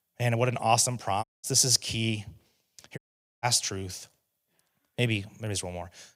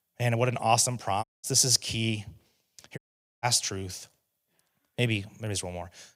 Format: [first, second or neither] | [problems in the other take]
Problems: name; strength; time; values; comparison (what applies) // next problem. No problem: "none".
neither | audio cutting out; at 1 s and at 3 s; the same in both